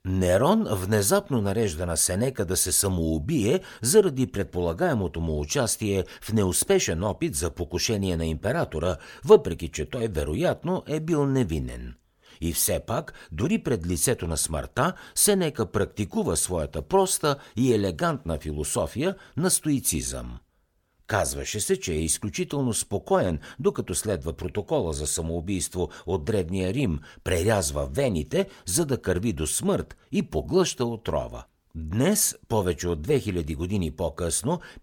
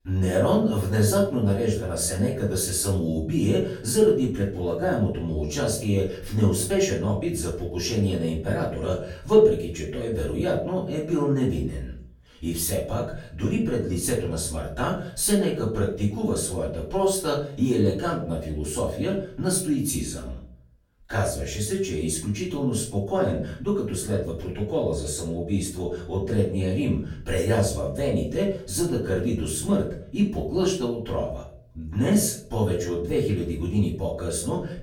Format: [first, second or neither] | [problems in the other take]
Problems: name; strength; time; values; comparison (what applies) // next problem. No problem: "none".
first | off-mic speech; far // room echo; slight; dies away in 0.5 s